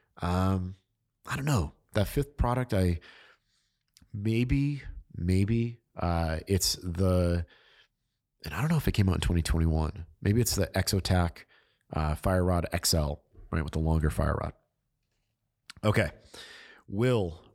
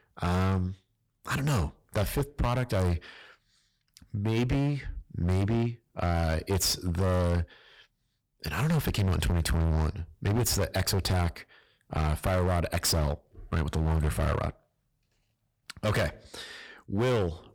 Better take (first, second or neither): first